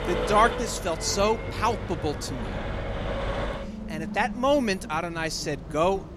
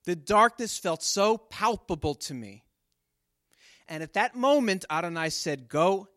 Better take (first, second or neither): second